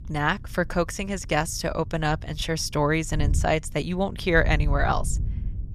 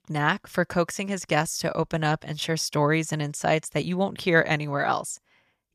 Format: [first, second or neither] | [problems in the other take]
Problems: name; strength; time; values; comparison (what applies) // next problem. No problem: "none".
second | wind noise on the microphone; occasional gusts; 20 dB below the speech